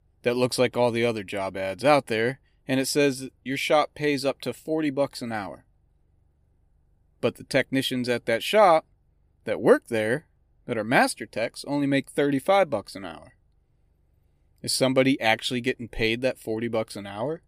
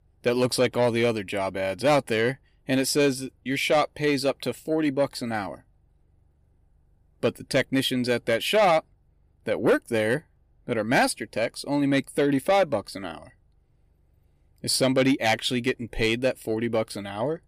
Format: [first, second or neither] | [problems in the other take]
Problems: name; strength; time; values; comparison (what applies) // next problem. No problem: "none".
first | distortion; slight; 10 dB below the speech